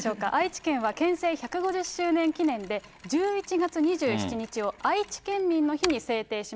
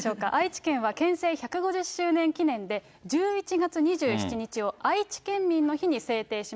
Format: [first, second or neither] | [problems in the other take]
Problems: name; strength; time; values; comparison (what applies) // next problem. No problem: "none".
second | background sound (Mechanisms); 19 dB below the speech